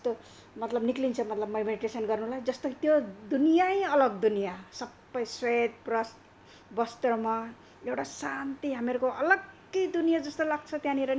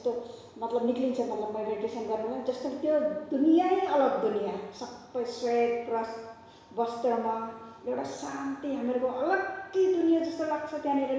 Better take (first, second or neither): first